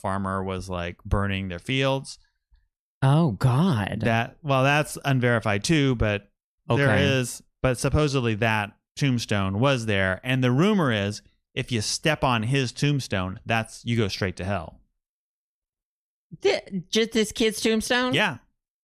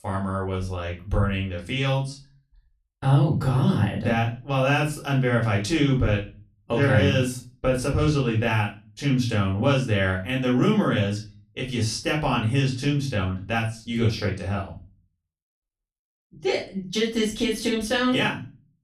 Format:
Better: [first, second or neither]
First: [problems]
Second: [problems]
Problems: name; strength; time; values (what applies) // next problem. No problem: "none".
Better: first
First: none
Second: off-mic speech; far // room echo; slight; dies away in 0.3 s